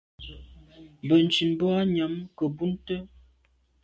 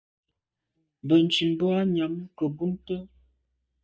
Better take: first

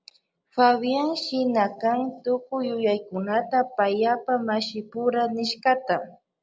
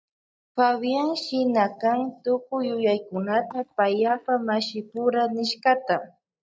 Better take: first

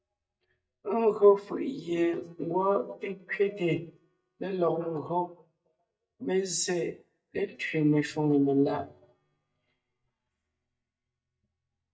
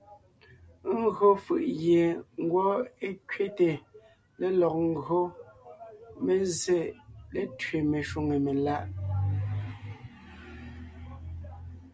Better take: second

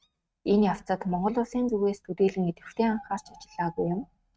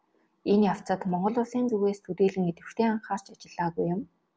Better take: second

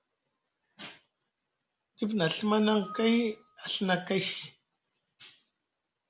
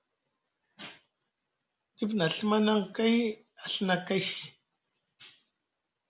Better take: second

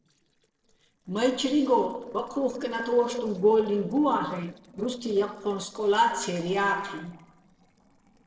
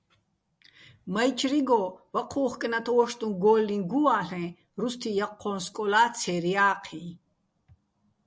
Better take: second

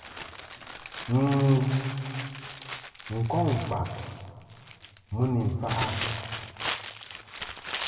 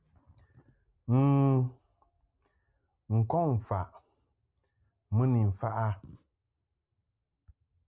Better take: second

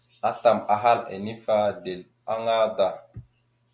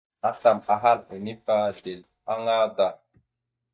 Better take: first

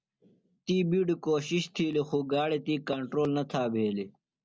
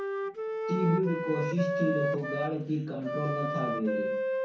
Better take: first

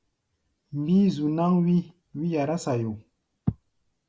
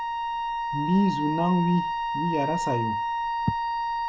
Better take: first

